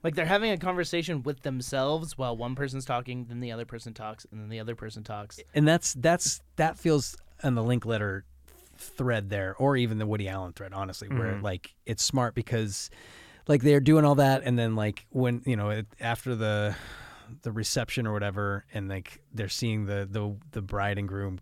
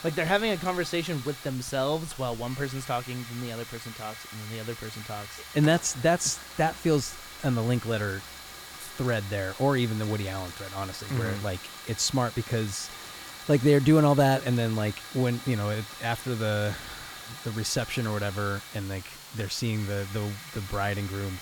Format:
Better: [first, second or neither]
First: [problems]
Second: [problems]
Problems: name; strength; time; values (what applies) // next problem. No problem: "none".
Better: first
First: none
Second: hiss; noticeable; throughout; 15 dB below the speech